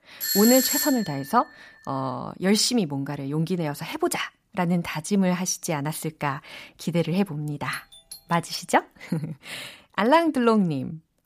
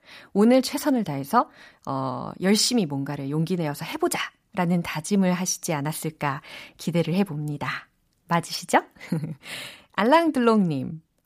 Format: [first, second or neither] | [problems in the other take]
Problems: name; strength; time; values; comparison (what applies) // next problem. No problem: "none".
second | doorbell; loud; at the start; peak 4 dB above the speech // doorbell; faint; at 7.5 s; peak 20 dB below the speech